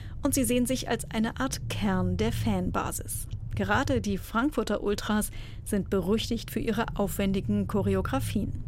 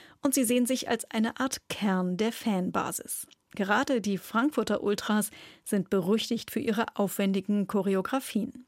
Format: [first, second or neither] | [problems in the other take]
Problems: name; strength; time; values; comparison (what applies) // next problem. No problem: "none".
second | low rumble; faint; throughout; 20 dB below the speech